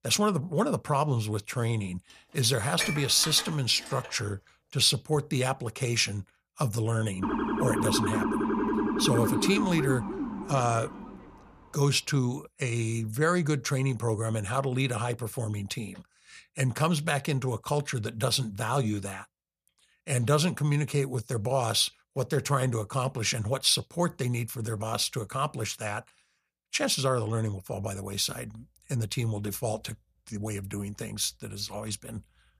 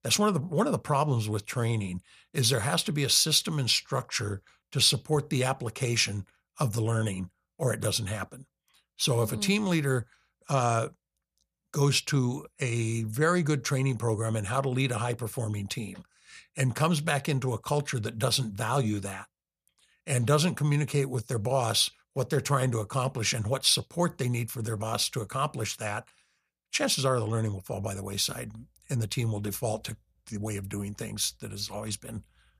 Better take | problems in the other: second | clattering dishes; noticeable; from 2.5 to 4 s; peak 4 dB below the speech // siren; loud; from 7 to 11 s; peak 1 dB above the speech

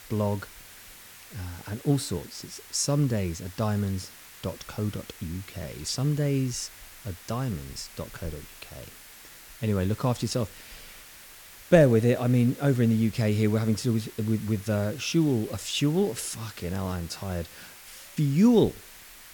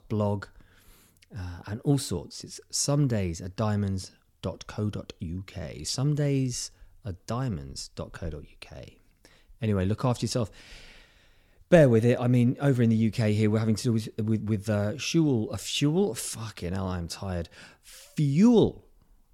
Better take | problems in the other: second | hiss; noticeable; throughout; 20 dB below the speech

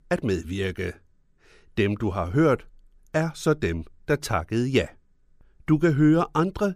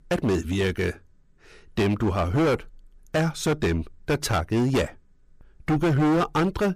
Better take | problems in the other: first | distortion; heavy; 14% of the sound clipped

